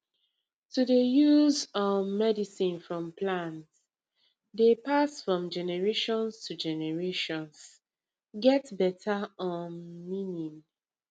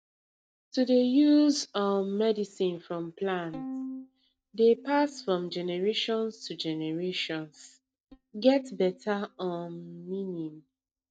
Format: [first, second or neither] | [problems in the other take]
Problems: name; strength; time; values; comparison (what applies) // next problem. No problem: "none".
first | noise reduction (neural mask model DeepFilterNet 3)